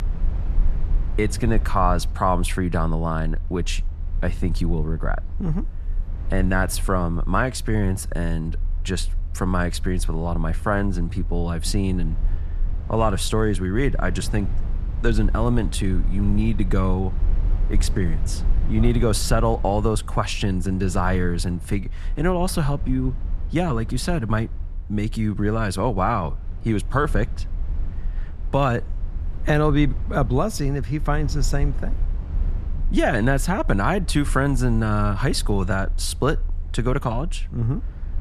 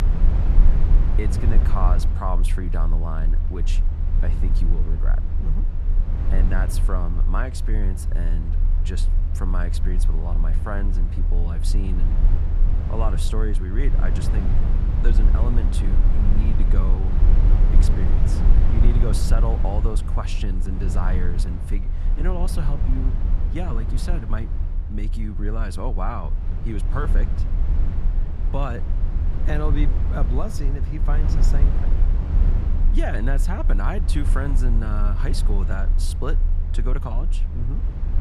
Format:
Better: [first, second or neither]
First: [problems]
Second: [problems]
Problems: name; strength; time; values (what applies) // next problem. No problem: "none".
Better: first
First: low rumble; faint; throughout; 20 dB below the speech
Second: low rumble; loud; throughout; 5 dB below the speech